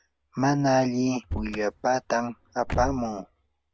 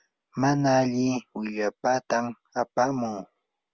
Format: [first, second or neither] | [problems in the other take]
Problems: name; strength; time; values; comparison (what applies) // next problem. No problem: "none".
second | background sound (Slam / Car); 11 dB below the speech